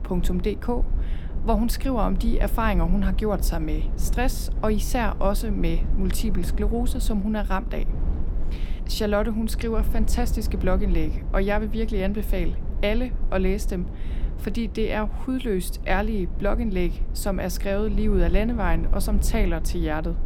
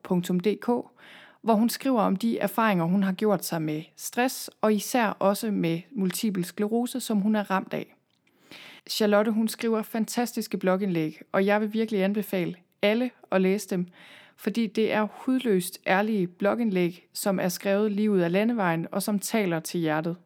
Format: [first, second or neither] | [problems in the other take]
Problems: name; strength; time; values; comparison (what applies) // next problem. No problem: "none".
second | low rumble; noticeable; throughout; 15 dB below the speech